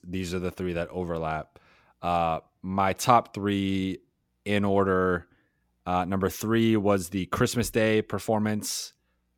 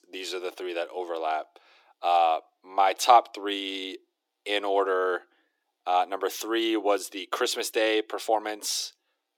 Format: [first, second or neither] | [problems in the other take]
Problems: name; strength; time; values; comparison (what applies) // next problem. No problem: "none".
first | thin; very; fading below 300 Hz